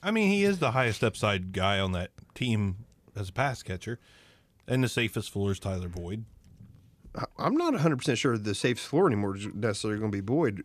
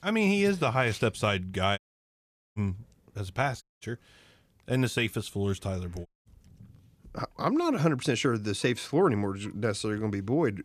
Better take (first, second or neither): first